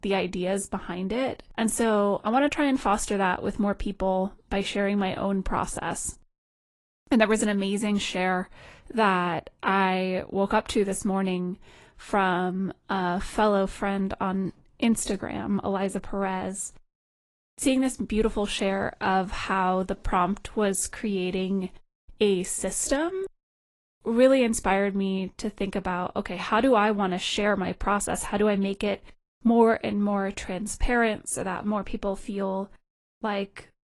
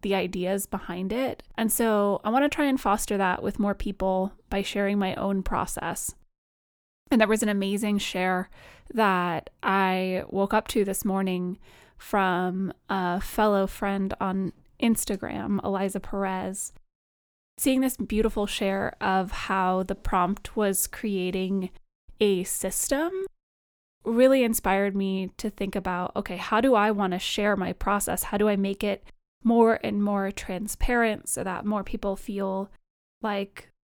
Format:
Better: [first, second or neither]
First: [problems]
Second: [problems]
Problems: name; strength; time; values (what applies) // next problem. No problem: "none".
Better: second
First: garbled, watery; slightly; nothing above 11 kHz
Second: none